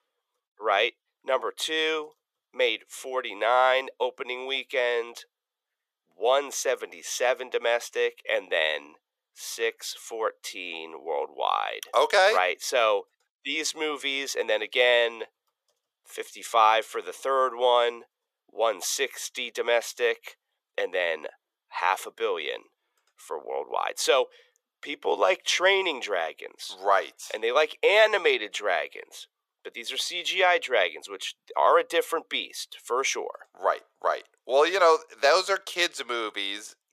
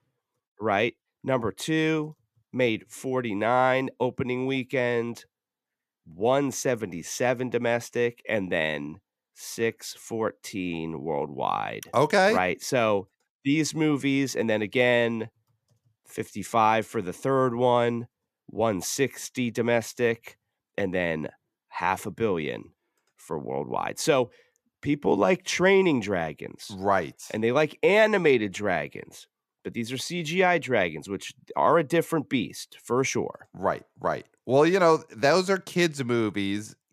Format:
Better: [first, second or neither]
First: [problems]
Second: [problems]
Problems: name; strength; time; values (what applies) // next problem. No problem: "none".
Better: second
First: thin; very; fading below 500 Hz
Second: none